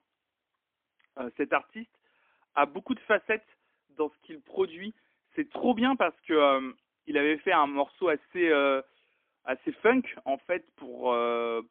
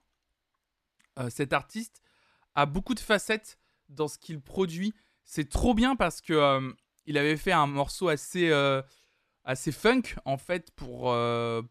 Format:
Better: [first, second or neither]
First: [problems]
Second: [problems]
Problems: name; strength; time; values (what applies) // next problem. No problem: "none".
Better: second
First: phone-call audio; poor line; nothing above 3.5 kHz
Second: none